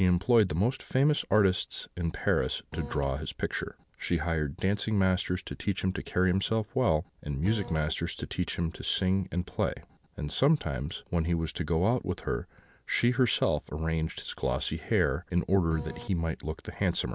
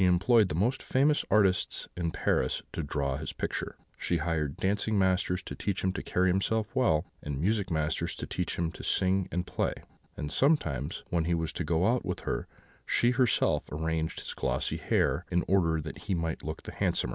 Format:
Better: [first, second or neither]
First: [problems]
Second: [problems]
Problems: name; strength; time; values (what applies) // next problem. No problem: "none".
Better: second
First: background sound (Printer); 12 dB below the speech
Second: none